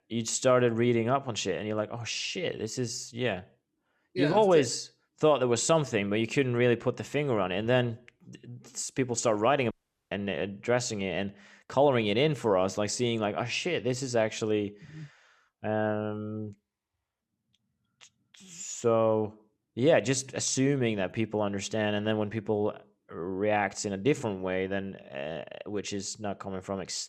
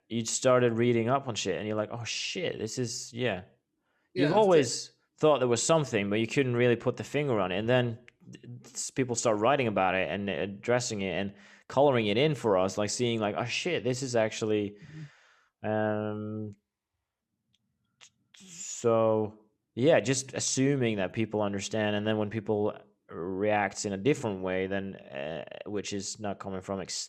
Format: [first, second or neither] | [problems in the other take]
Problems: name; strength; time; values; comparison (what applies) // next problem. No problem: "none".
second | audio cutting out; at 9.5 s